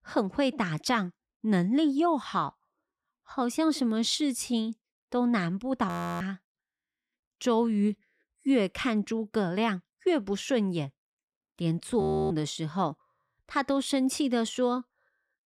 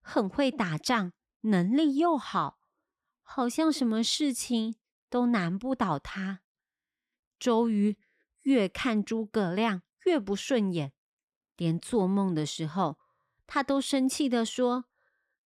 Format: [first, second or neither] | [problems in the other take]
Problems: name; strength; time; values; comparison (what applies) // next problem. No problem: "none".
second | audio freezing; at 6 s and at 12 s